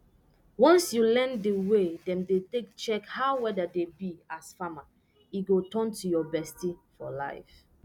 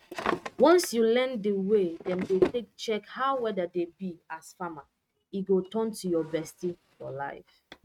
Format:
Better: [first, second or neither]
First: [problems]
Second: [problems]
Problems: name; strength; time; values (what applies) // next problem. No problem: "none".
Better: first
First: none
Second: noise reduction (neural mask model RNNoise)